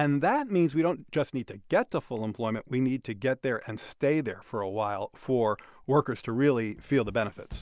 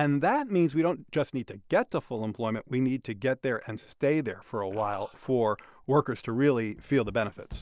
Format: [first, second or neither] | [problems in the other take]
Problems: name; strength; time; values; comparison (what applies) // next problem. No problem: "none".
first | noise reduction (neural separator model SepFormer DNS4)